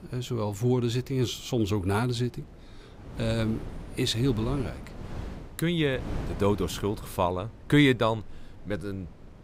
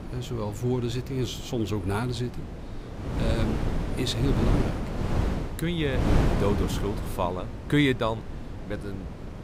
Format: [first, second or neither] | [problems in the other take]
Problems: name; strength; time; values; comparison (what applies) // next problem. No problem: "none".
first | wind noise on the microphone; heavy; 5 dB below the speech; occasional gusts in the first